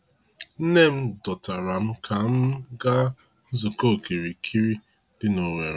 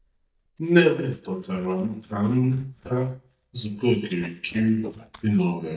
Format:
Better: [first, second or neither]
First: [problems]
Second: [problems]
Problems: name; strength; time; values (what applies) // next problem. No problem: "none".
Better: first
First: none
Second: noise reduction (neural mask model DeepFilterNet 3)